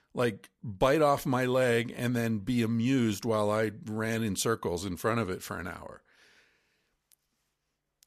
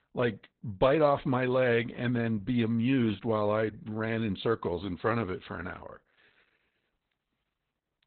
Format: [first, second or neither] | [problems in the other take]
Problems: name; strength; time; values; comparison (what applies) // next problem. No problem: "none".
first | garbled, watery; badly; nothing above 4 kHz